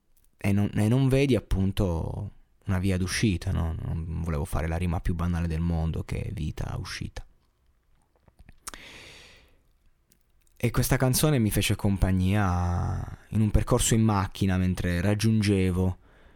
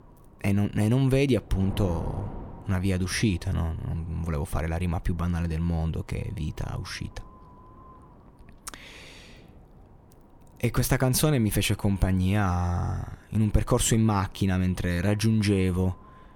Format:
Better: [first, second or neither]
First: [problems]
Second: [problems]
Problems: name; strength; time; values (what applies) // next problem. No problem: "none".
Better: first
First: none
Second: wind noise on the microphone; occasional gusts; 20 dB below the speech